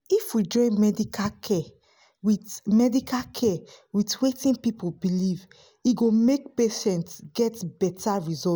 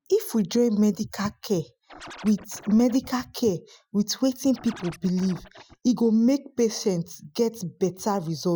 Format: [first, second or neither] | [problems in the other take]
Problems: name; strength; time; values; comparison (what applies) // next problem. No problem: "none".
first | noise reduction (classical method Wiener filter)